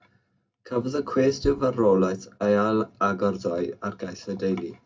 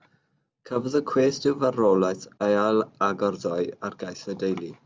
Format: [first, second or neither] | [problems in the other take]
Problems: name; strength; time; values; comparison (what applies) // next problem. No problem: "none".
second | background sound (Bass drum); 18 dB below the speech // room echo; dies away in 0.2 s